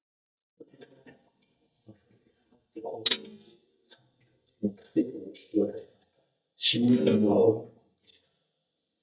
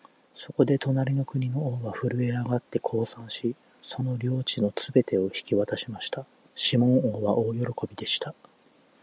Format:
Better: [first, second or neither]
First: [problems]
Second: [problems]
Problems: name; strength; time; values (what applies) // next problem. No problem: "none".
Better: second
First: noise reduction (neural mask model DeepFilterNet 3)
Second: none